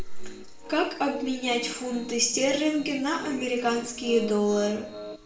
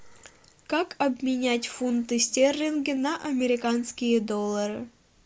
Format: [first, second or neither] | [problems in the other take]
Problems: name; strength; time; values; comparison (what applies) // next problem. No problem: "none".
second | background sound (Piano); 14 dB below the speech // room echo; dies away in 0.5 s